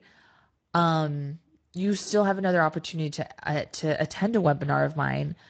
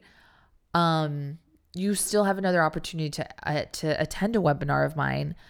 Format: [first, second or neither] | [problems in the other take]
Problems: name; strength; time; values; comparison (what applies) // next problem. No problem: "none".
second | garbled, watery; slightly; nothing above 8 kHz